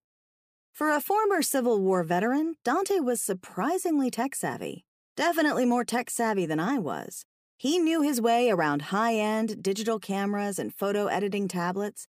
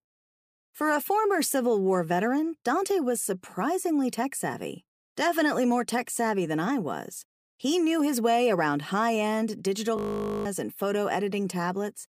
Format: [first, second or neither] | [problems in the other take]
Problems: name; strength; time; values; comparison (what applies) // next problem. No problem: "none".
first | audio freezing; at 10 s